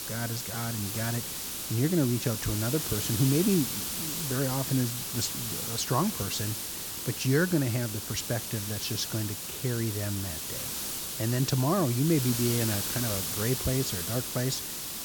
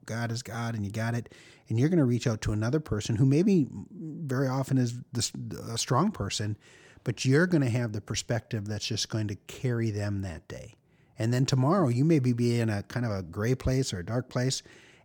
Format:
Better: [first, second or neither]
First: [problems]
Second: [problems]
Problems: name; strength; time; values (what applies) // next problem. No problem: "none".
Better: second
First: hiss; loud; throughout; 2 dB below the speech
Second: none